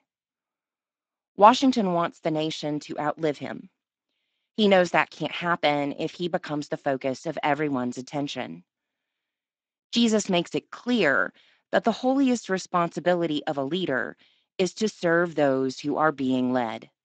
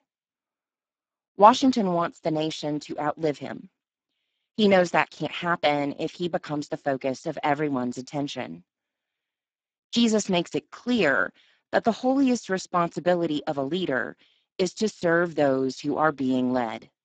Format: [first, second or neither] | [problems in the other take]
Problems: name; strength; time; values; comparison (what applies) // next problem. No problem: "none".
first | garbled, watery; badly; nothing above 7.5 kHz; slightly in the first